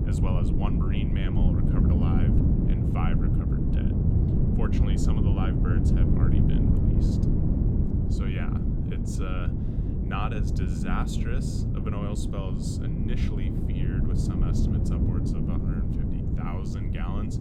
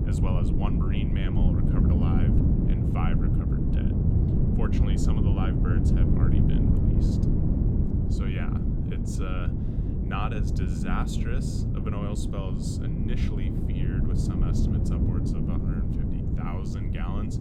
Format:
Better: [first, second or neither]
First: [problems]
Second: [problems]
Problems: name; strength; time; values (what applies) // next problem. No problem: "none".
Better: neither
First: wind noise on the microphone; heavy; 4 dB above the speech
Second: wind noise on the microphone; heavy; 4 dB above the speech